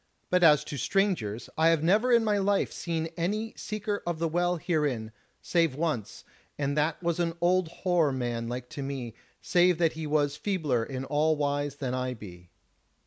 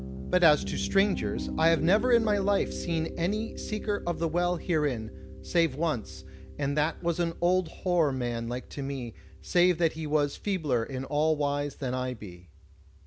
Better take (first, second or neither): first